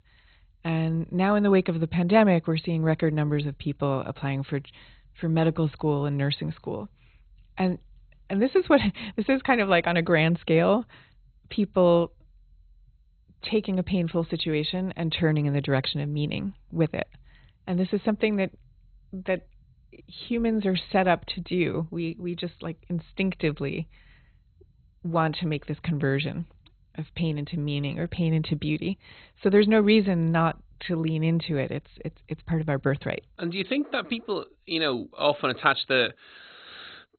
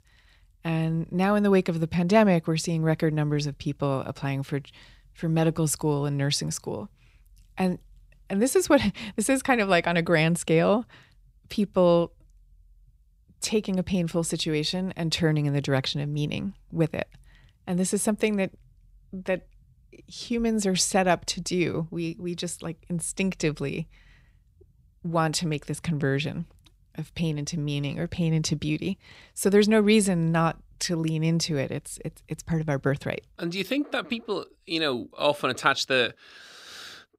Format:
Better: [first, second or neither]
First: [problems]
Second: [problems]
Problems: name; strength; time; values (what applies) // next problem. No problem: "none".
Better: second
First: garbled, watery; badly; nothing above 4 kHz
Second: none